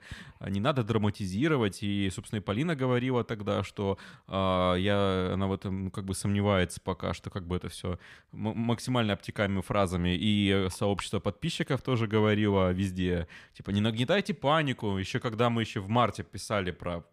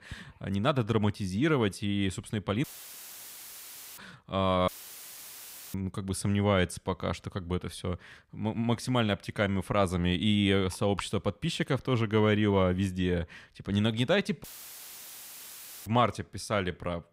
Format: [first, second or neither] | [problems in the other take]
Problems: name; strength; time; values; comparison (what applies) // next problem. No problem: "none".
first | audio cutting out; filled with static; at 2.5 s for 1.5 s, at 4.5 s for 1 s and at 14 s for 1.5 s